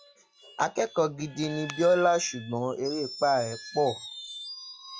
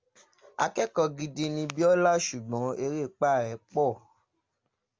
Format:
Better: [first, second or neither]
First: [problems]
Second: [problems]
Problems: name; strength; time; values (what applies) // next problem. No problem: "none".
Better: second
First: noise reduction (classical method log-MMSE)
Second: none